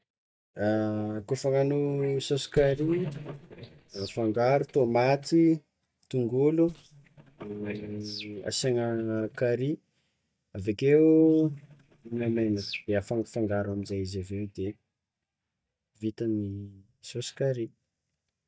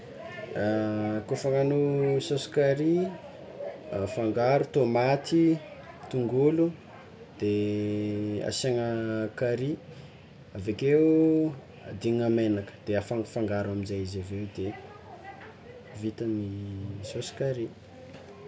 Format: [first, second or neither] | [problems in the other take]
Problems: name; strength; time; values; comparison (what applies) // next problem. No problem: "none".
second | noise reduction (neural mask model DeepFilterNet 3)